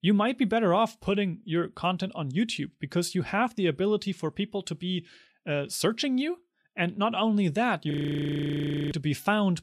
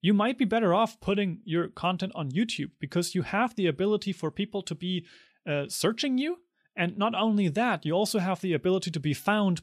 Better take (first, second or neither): second